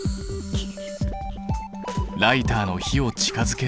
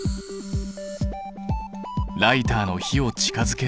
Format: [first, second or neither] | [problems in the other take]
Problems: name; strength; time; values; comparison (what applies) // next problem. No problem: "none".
second | background sound (Drum kit); 11 dB below the speech